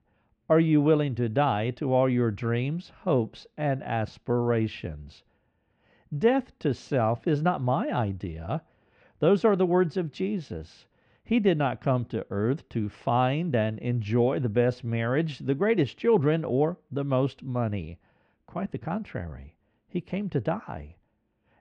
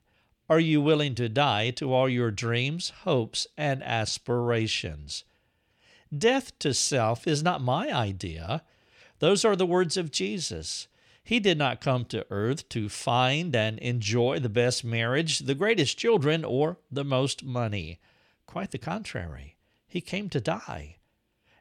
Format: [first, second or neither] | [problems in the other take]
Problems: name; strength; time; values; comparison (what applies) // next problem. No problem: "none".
second | muffled; very; fading above 1.5 kHz